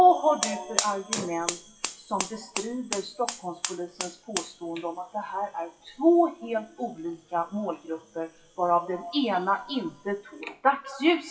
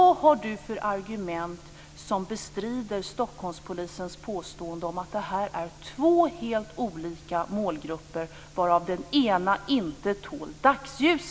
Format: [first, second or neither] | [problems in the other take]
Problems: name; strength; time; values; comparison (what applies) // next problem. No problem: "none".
second | noise reduction (classical method WPE with log-MMSE)